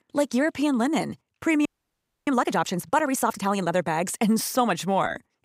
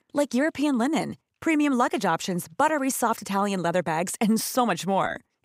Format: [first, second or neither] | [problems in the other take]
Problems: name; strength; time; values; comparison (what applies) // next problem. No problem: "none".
second | audio freezing; at 1.5 s for 0.5 s